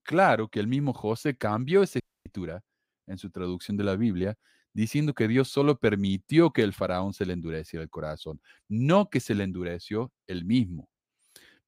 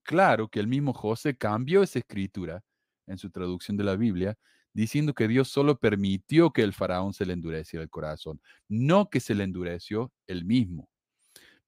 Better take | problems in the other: second | audio cutting out; at 2 s

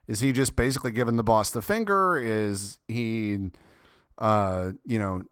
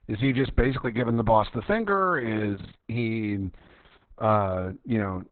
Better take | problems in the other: first | garbled, watery; badly; nothing above 4 kHz; slightly in the first

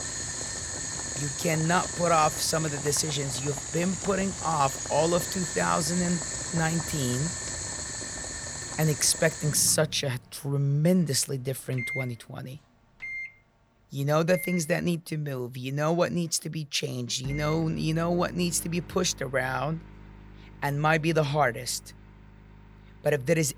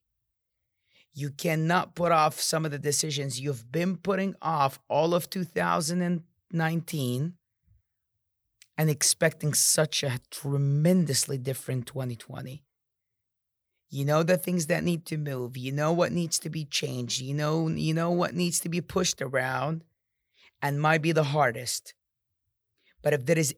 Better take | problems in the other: second | household noises; loud; throughout; 6 dB below the speech

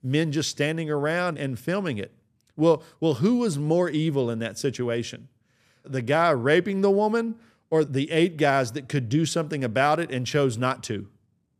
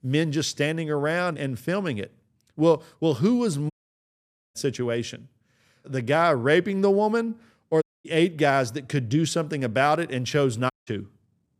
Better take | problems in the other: first | audio cutting out; at 3.5 s for 1 s, at 8 s and at 11 s

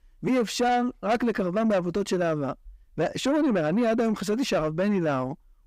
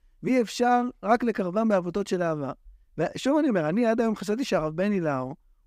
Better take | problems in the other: second | distortion; slight; 10 dB below the speech

